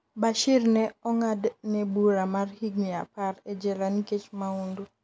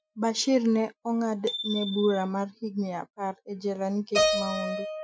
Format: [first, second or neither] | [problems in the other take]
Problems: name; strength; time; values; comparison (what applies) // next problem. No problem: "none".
first | noise reduction (classical method Wiener filter)